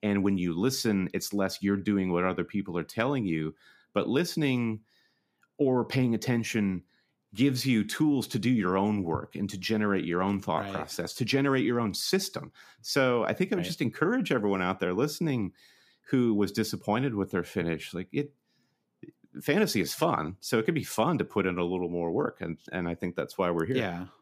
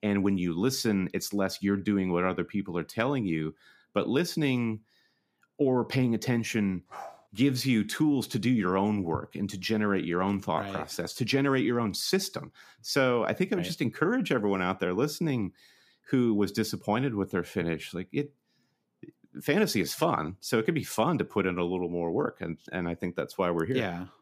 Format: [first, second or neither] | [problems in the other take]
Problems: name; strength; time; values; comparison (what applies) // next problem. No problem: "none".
first | dog barking; faint; at 7 s; peak 15 dB below the speech